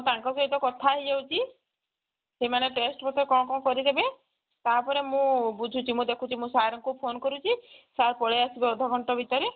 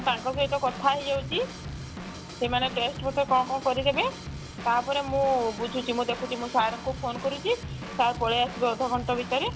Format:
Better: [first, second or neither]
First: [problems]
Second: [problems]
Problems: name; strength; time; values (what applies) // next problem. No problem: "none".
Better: first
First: none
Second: background sound (Drum / Drum kit); 10 dB below the speech